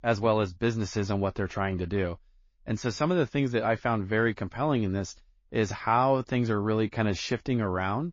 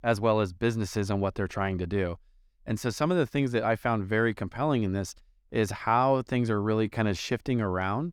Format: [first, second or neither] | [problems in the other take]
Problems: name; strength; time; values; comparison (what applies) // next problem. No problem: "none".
second | garbled, watery; slightly; nothing above 6.5 kHz